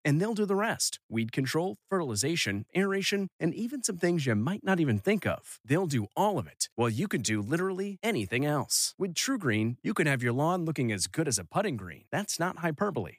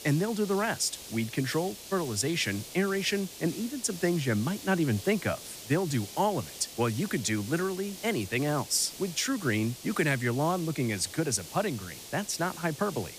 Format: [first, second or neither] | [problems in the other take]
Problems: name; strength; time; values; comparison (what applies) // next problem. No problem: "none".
first | hiss; noticeable; throughout; 10 dB below the speech